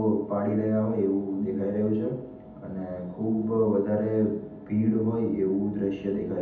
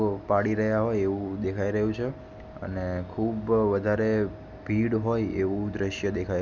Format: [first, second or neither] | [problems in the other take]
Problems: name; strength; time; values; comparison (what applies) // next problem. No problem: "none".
second | room echo; dies away in 0.8 s